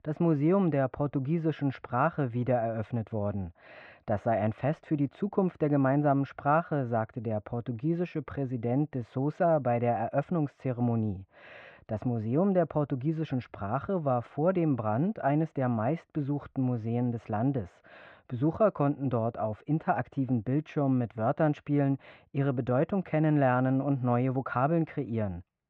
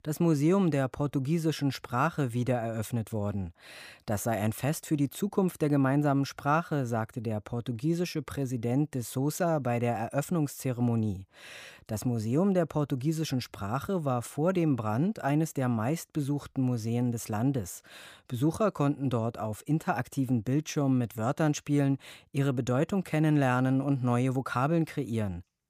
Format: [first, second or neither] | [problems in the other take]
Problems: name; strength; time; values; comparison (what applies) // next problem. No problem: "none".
second | muffled; very; fading above 2.5 kHz